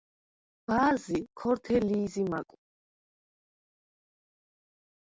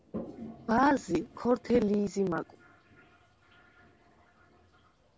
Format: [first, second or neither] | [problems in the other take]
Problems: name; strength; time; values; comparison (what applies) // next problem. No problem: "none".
first | background sound (Toilet flush); 17 dB below the speech